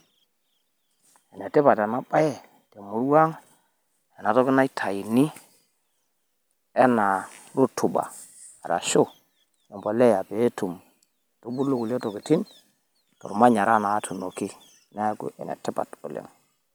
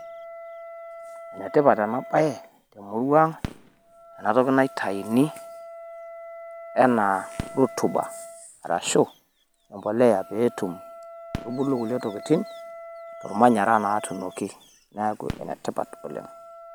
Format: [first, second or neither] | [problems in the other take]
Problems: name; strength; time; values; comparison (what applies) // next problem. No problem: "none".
first | background sound (Fireworks + Wind instrument, woodwind instrument); 15 dB below the speech